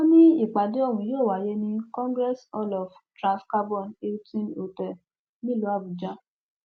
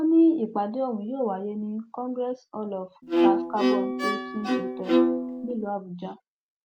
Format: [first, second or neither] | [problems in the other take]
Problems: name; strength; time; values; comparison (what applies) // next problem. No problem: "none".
first | background sound (Bowed string instrument); 4 dB above the speech